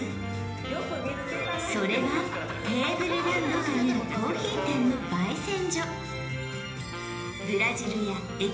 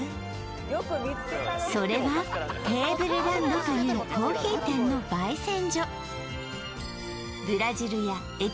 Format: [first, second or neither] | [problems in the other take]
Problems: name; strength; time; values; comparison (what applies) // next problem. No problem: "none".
second | background sound (Wind instrument, woodwind instrument); 11 dB below the speech // room echo; dies away in 1 s